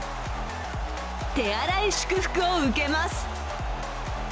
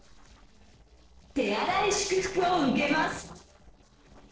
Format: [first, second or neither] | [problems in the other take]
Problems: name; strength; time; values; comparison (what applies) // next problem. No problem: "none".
first | noise reduction (neural separator model SepFormer DNS4)